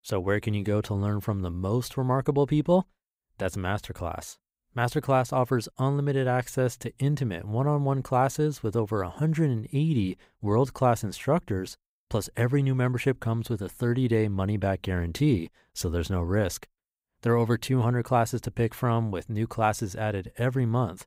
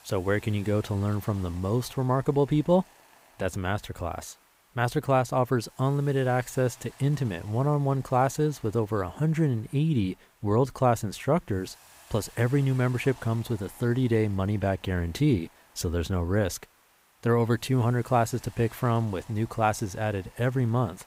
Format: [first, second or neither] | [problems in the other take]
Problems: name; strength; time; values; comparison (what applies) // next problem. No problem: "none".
first | hiss; faint; throughout; 25 dB below the speech